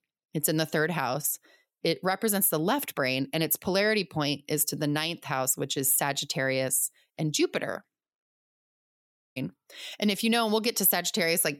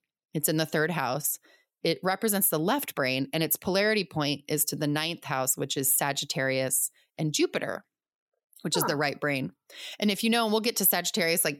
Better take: second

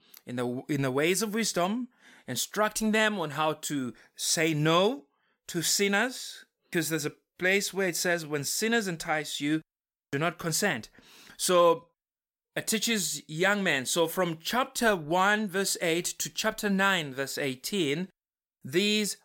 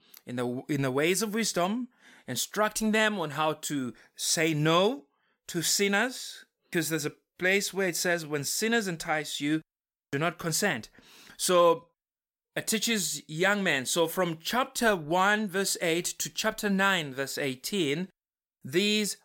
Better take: neither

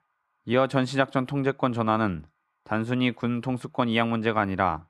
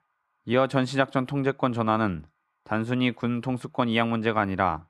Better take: neither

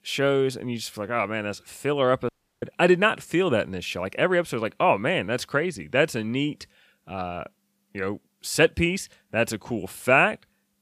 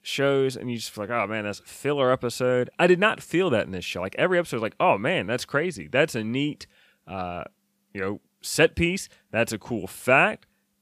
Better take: second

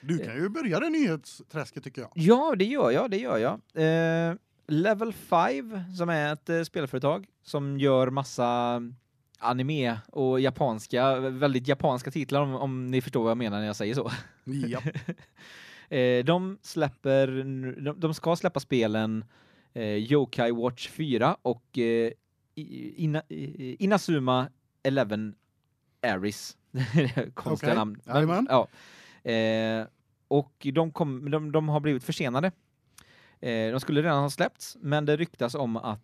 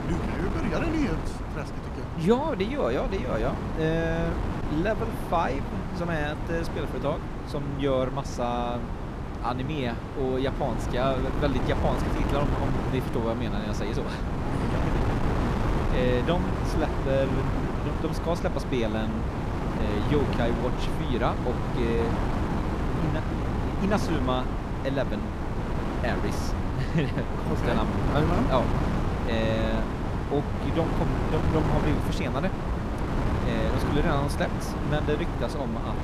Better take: first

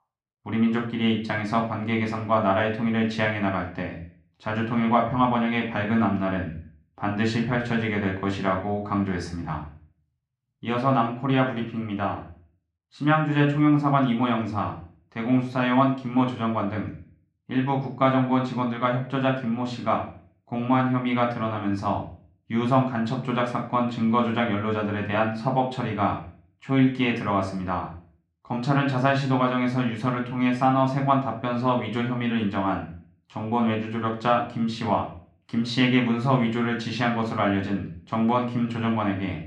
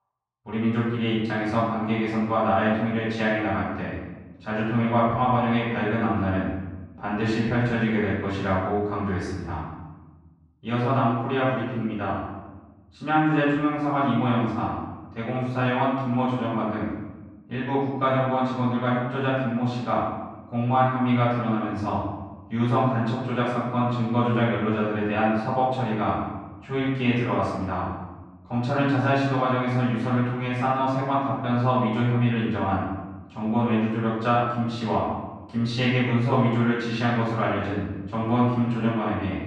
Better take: first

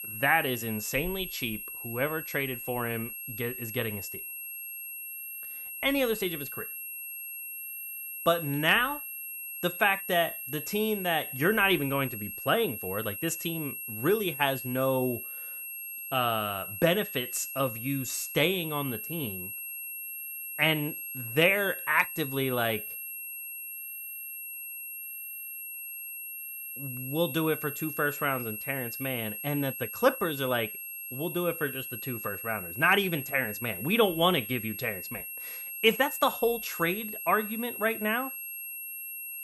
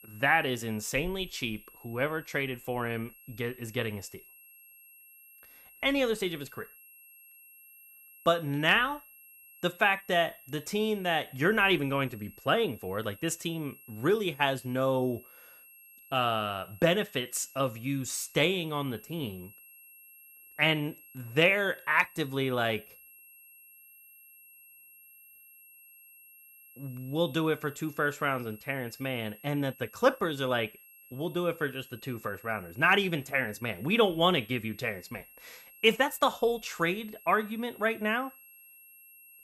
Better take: second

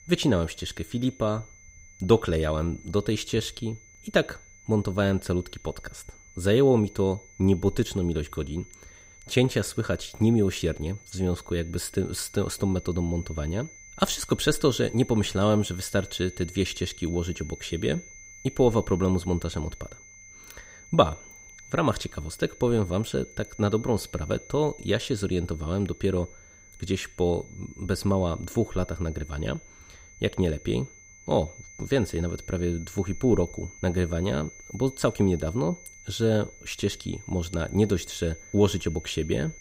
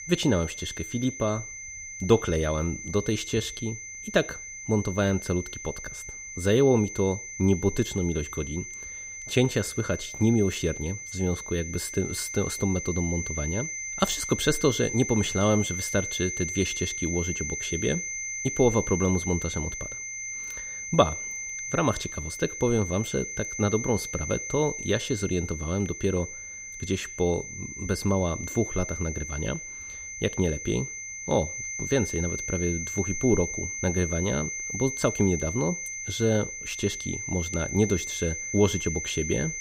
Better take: first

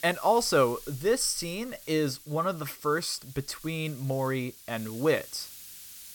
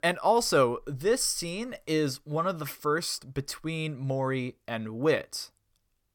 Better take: second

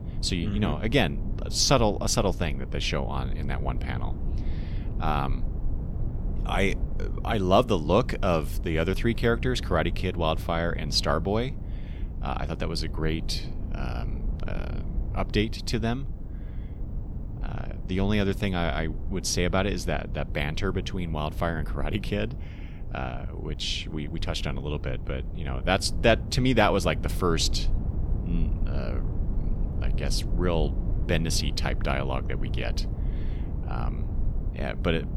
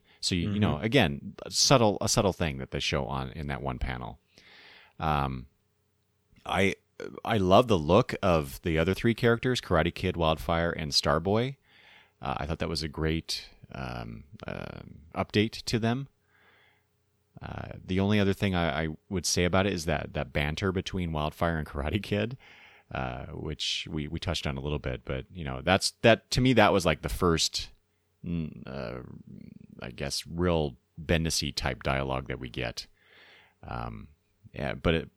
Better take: second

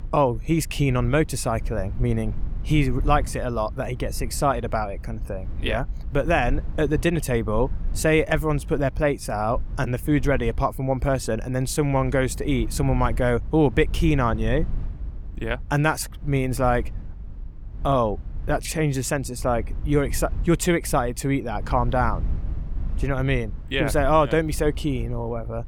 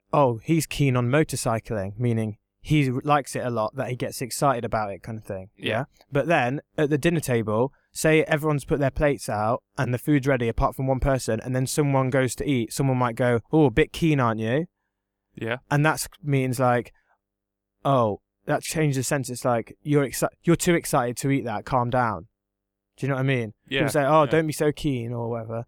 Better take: second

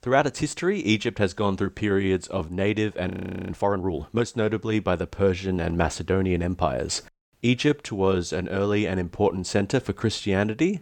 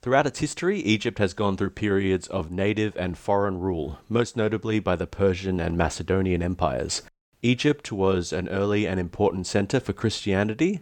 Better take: second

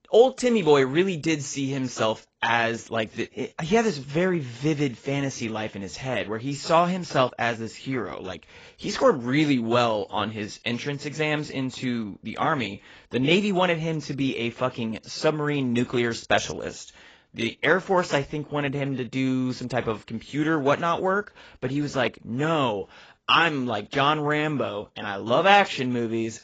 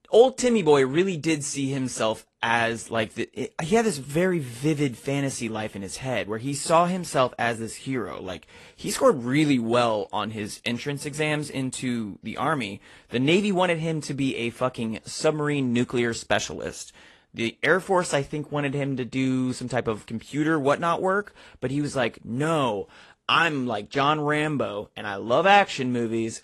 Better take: second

